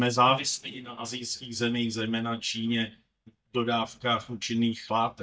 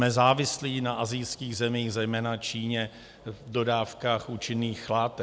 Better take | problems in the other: second | noise reduction (neural mask model DeepFilterNet 3)

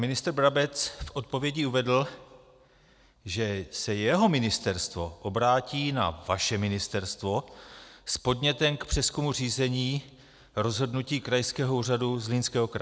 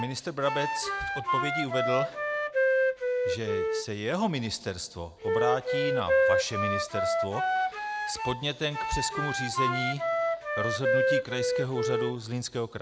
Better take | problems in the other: first | background sound (Wind instrument, woodwind instrument); 4 dB above the speech

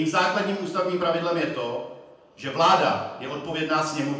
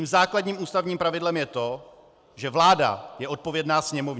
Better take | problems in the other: second | room echo; dies away in 0.9 s

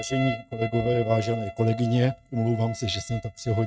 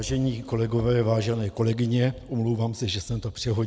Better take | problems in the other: second | noise reduction (neural mask model RNNoise)

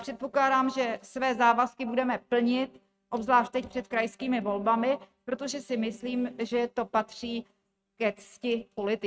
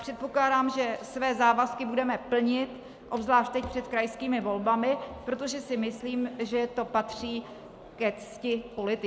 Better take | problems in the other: second | noise reduction (neural mask model RNNoise)

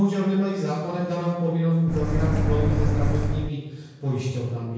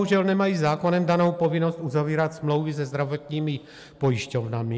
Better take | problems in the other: second | background sound (Microwave oven); 4 dB above the speech // room echo; dies away in 1 s

